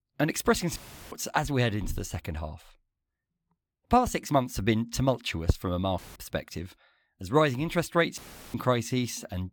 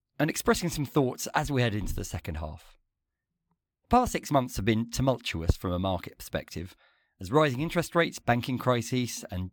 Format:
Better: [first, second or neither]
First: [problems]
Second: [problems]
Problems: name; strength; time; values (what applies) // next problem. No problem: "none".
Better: second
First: audio cutting out; filled with static; at 1 s, at 6 s and at 8 s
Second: none